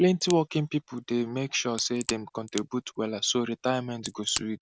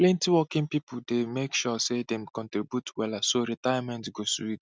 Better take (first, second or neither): second